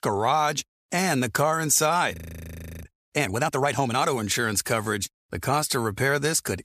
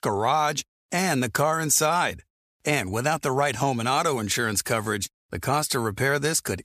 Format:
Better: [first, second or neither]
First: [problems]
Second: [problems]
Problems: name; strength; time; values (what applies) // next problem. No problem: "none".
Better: second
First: audio freezing; at 2 s for 0.5 s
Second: none